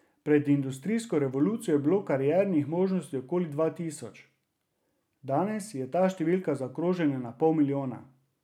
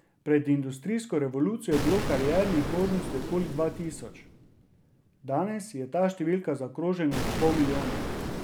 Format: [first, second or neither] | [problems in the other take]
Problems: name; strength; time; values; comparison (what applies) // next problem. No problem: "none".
first | background sound (Explosion); 6 dB below the speech